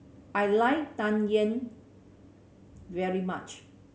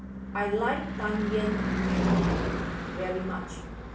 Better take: first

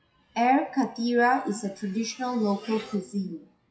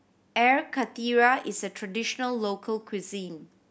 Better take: second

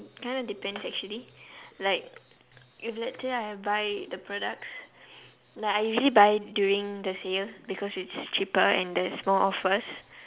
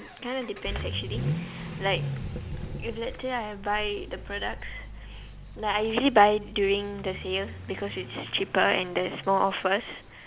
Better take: first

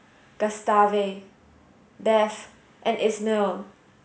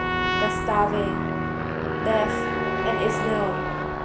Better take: first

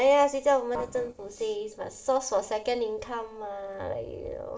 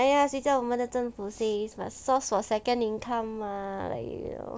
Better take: second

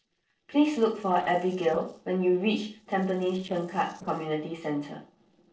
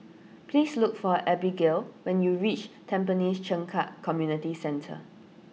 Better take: second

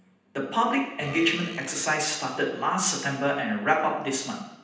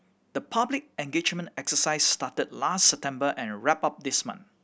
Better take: second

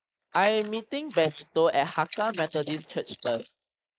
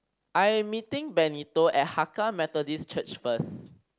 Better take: second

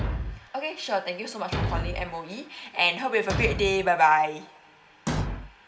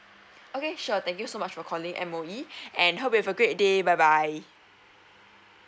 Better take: second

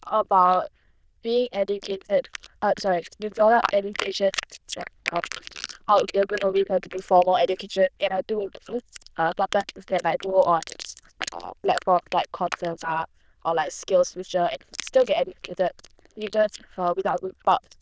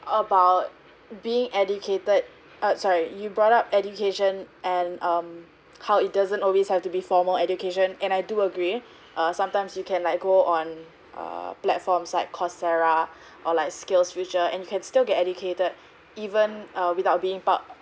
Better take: second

